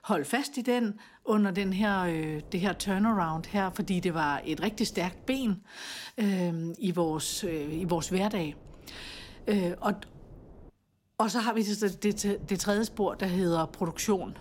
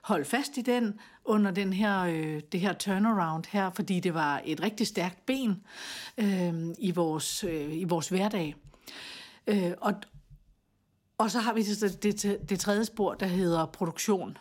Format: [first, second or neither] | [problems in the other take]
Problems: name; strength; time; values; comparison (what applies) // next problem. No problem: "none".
second | wind noise on the microphone; occasional gusts; from 1.5 to 5.5 s, from 7 to 11 s and from 12 s on; 25 dB below the speech